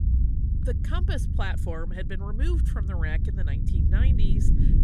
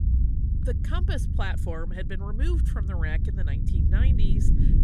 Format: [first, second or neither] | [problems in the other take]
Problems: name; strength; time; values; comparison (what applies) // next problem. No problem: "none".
neither | low rumble; loud; throughout; 4 dB below the speech; the same in both